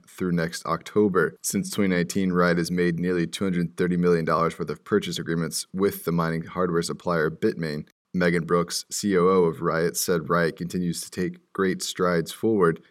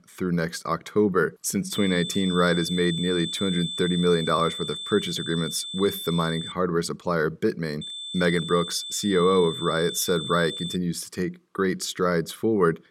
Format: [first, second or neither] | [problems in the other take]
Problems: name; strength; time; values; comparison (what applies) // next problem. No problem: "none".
first | high-pitched whine; loud; from 1.5 to 6.5 s and from 8 to 11 s; 3.5 kHz, 7 dB below the speech